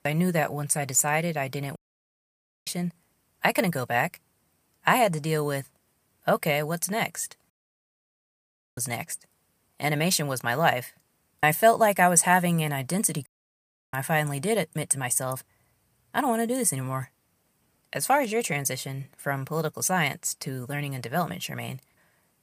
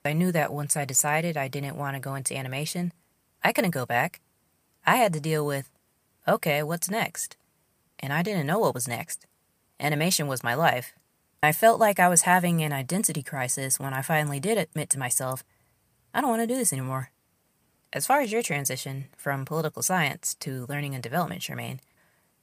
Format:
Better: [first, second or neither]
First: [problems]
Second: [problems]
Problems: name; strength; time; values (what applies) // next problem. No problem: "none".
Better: second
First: audio cutting out; at 2 s for 1 s, at 7.5 s for 1.5 s and at 13 s for 0.5 s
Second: none